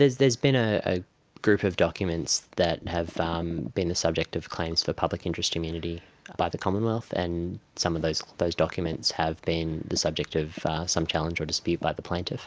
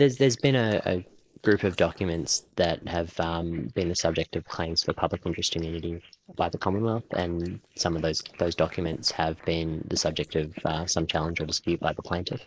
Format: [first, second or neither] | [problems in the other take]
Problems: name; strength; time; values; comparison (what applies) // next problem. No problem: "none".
first | noise reduction (neural mask model Resemble Enhance denoiser)